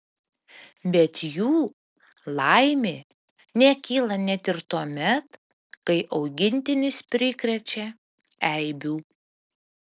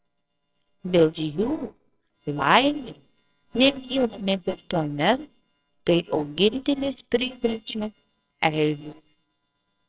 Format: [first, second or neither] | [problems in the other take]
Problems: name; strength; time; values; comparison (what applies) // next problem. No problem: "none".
first | noise reduction (neural separator model SepFormer WHAMR!)